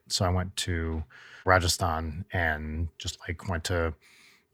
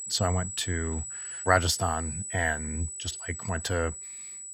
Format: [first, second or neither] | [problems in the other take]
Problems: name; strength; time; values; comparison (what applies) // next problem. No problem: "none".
first | high-pitched whine; loud; throughout; 8 kHz, 6 dB below the speech